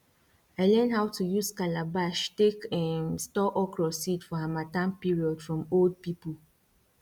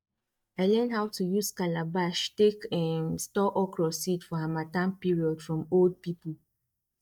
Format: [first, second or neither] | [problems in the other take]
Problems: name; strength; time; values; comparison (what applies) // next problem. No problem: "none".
first | noise reduction (neural mask model DeepFilterNet 3)